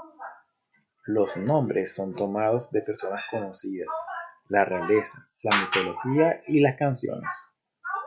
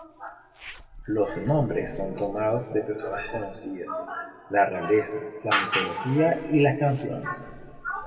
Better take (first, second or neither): first